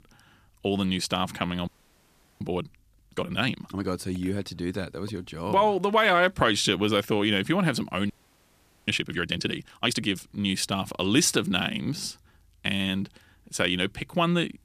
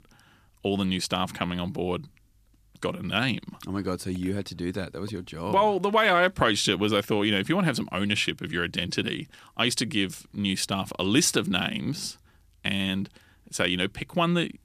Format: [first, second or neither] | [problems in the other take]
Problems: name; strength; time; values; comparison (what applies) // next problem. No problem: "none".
second | audio freezing; at 1.5 s for 0.5 s and at 8 s for 1 s